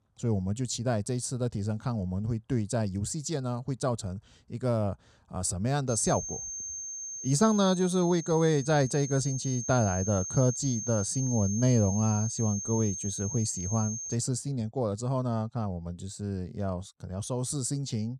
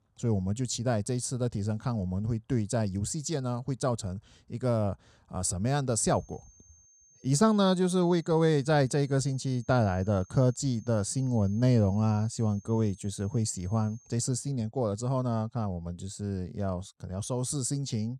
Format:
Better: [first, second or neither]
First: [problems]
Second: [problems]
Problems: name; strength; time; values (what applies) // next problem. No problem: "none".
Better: second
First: high-pitched whine; loud; from 6 to 14 s; 6.5 kHz, 6 dB below the speech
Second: high-pitched whine; faint; from 6 to 14 s; 6.5 kHz, 30 dB below the speech